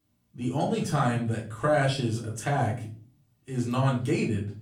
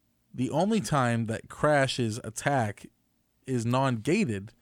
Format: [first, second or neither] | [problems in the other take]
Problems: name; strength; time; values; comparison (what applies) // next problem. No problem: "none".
second | off-mic speech; far // room echo; slight; dies away in 0.4 s